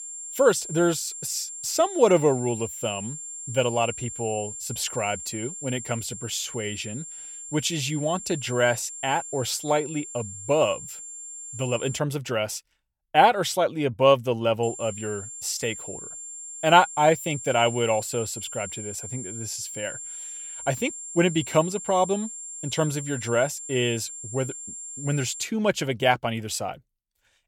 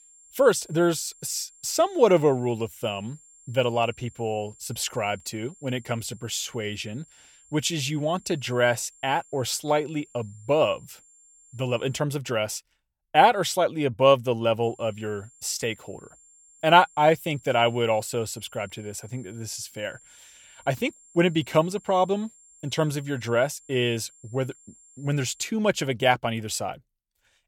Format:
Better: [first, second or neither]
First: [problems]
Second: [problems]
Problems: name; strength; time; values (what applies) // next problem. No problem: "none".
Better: second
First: high-pitched whine; loud; until 12 s and from 15 to 25 s; 7.5 kHz, 10 dB below the speech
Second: high-pitched whine; faint; until 12 s and from 15 to 25 s; 7.5 kHz, 25 dB below the speech